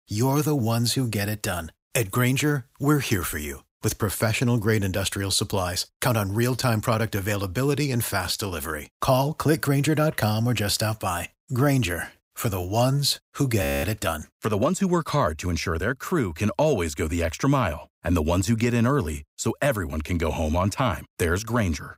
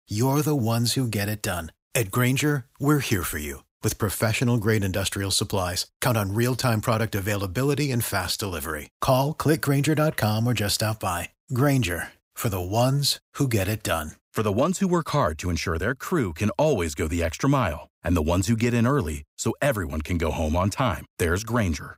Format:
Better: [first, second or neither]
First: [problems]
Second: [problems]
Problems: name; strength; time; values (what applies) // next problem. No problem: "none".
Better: second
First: audio freezing; at 14 s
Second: none